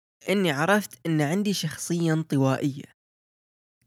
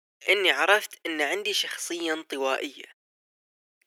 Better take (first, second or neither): first